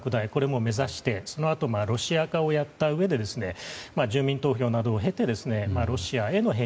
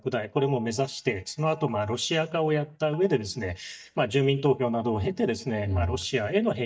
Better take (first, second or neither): first